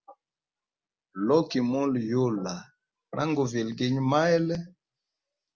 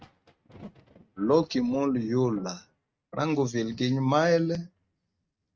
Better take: first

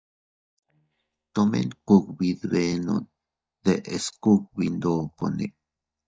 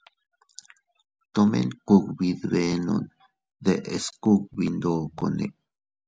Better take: second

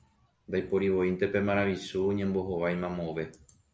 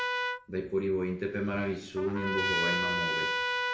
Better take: first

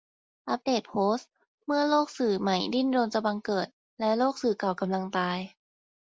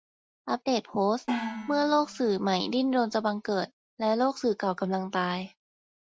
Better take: first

